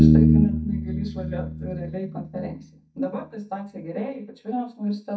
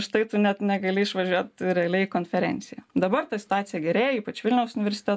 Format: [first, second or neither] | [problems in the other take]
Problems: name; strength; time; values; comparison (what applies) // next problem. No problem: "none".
second | noise reduction (neural mask model DeepFilterNet 3)